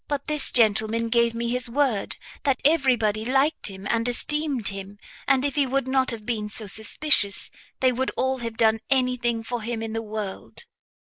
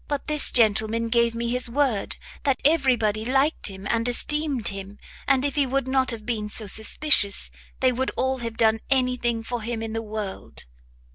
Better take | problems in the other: second | noise reduction (neural mask model Resemble Enhance denoiser)

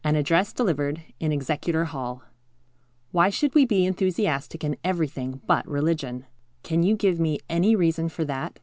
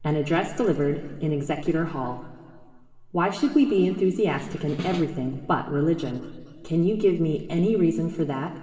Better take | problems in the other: first | background sound (Snare drum); 11 dB below the speech // room echo; dies away in 1.9 s

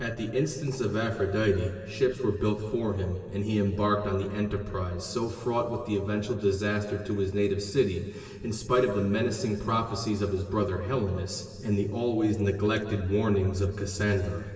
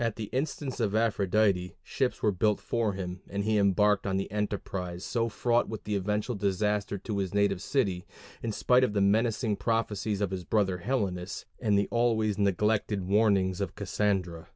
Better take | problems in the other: second | room echo; dies away in 2 s

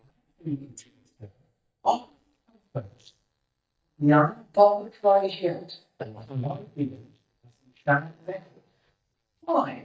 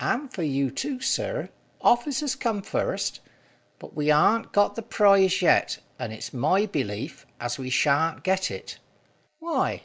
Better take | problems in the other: second | noise reduction (neural mask model DeepFilterNet 3)

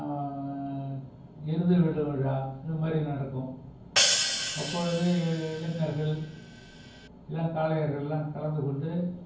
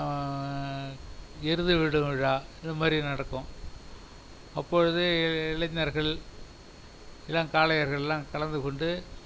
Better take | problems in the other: second | background sound (Hi-hat); 1 dB below the speech // room echo; dies away in 0.9 s

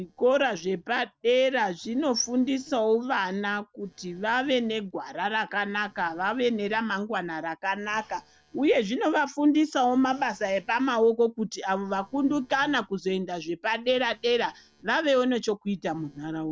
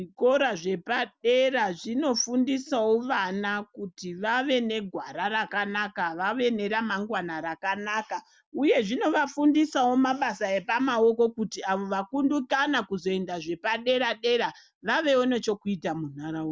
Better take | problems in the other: second | noise reduction (neural separator model SepFormer DNS4)

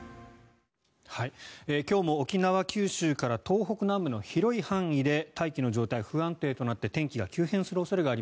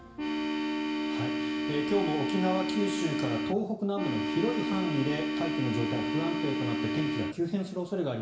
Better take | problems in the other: first | background sound (Organ); 1 dB above the speech // room echo; dies away in 0.8 s

